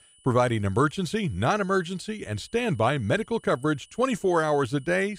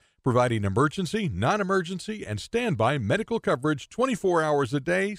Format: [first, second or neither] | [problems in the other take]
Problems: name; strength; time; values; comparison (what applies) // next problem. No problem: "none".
second | high-pitched whine; faint; throughout; 9.5 kHz, 30 dB below the speech